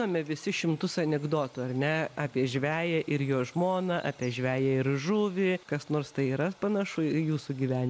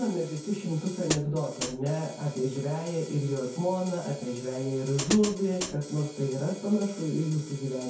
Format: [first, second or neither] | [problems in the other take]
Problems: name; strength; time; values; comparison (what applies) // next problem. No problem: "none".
first | background sound (Hi-hat); 11 dB below the speech // room echo; dies away in 0.6 s